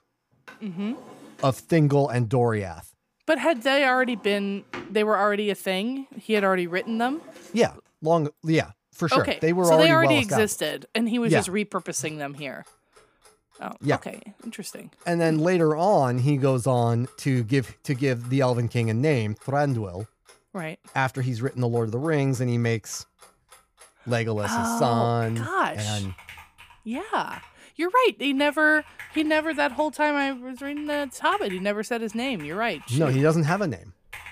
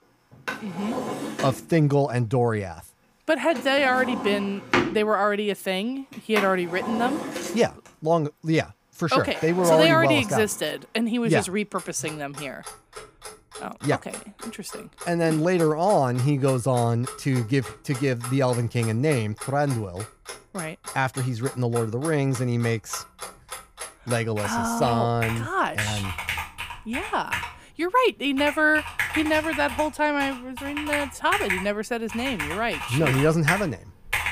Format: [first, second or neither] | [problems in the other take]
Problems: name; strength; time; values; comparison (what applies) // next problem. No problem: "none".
first | household noises; loud; throughout; 9 dB below the speech; faint in the first